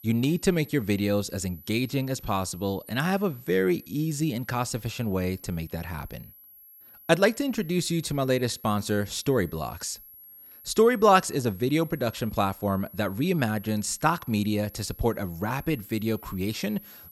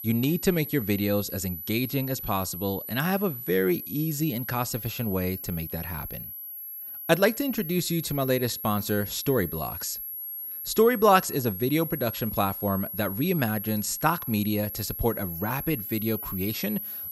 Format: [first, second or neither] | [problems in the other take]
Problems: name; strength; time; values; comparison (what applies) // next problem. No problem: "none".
first | high-pitched whine; loud; throughout; 11.5 kHz, 7 dB below the speech; faint in the first